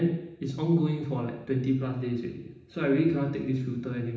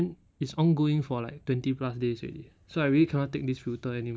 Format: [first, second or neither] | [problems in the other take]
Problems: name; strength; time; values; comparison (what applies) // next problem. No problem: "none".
second | room echo; dies away in 0.8 s